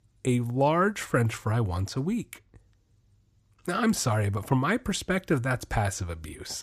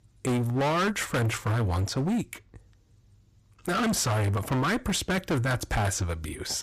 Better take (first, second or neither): first